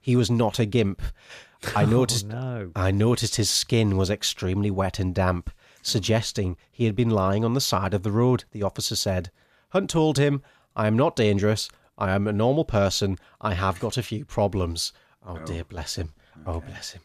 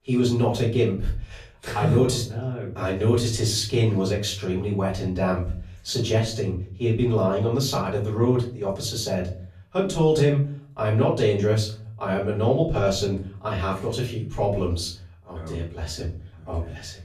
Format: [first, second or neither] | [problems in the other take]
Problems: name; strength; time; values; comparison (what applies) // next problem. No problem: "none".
first | room echo; slight; dies away in 0.4 s // off-mic speech; far